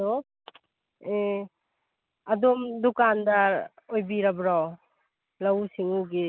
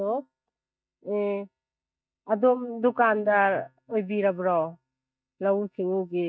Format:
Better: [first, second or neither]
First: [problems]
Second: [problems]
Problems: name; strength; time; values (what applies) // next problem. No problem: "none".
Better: first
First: none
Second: noise reduction (neural mask model DeepFilterNet 3)